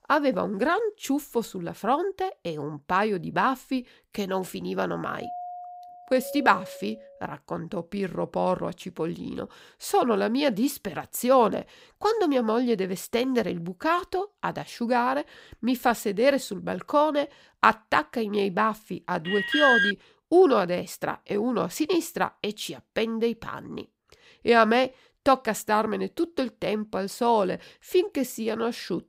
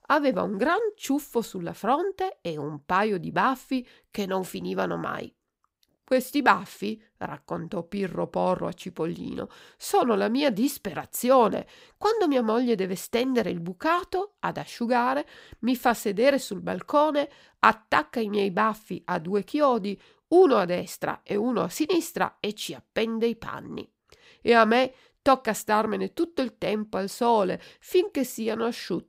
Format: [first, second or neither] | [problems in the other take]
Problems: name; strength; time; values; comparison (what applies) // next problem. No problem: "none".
second | doorbell; faint; from 5 to 7 s; peak 10 dB below the speech // alarm; loud; at 19 s; peak 6 dB above the speech